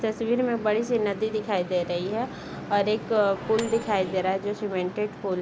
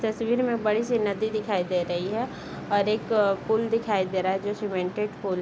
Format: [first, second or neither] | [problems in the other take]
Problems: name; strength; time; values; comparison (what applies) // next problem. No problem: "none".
second | background sound (Microwave oven); 12 dB below the speech